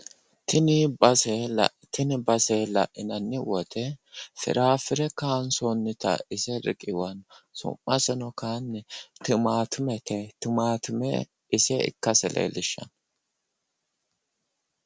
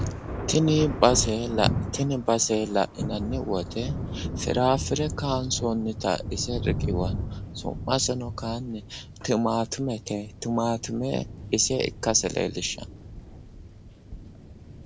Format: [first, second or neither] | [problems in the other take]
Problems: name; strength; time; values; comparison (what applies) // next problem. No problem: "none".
first | background sound (Thunder); 7 dB below the speech